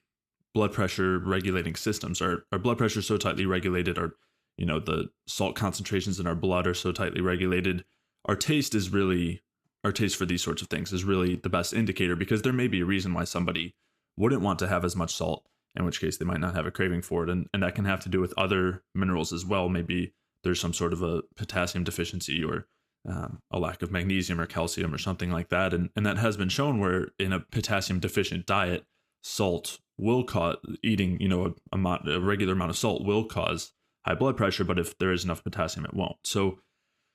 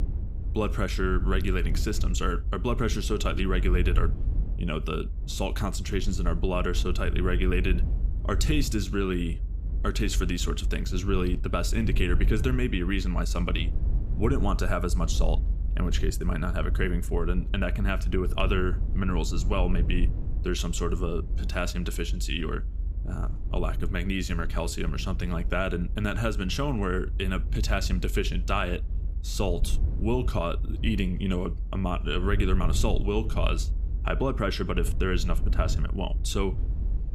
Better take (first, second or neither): first